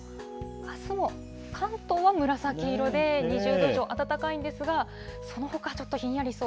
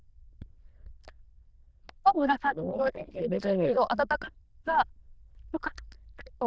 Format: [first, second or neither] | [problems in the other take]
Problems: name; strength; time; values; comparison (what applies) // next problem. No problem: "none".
first | noise reduction (neural diffusion model UNIVERSE++)